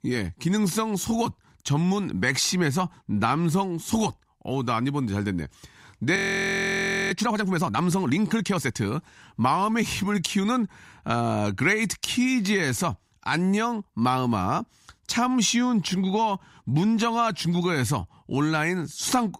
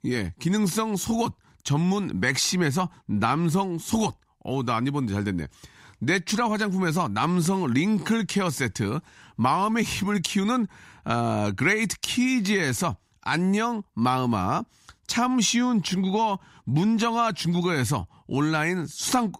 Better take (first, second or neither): second